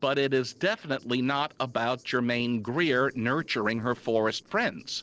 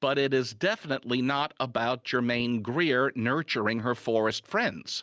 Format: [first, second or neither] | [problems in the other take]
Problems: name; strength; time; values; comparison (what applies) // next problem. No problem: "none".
second | noise reduction (neural separator model SepFormer DNS4)